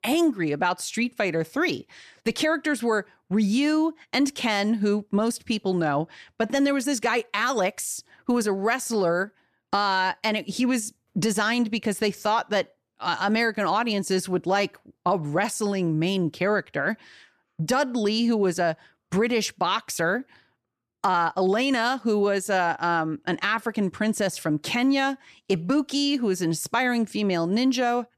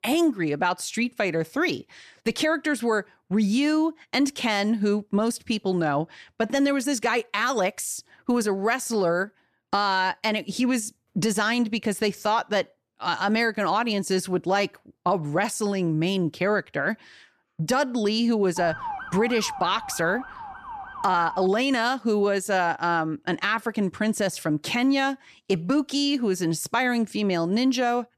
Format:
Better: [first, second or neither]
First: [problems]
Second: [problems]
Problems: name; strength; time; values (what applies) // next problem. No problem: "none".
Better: first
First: none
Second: siren; noticeable; from 19 to 21 s; peak 8 dB below the speech